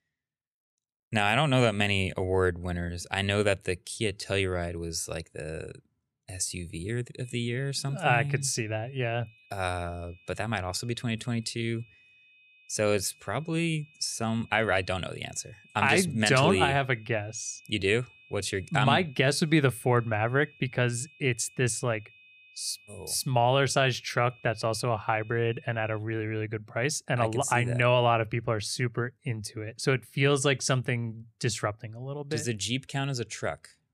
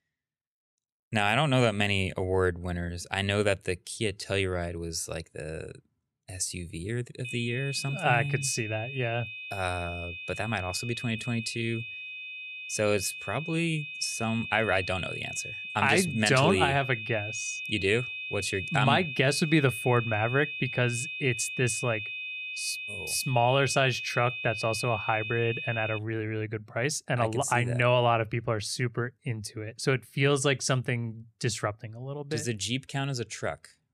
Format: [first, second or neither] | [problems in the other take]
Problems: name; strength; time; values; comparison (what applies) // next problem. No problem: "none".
first | high-pitched whine; loud; from 7.5 to 26 s; 2.5 kHz, 7 dB below the speech; faint in the first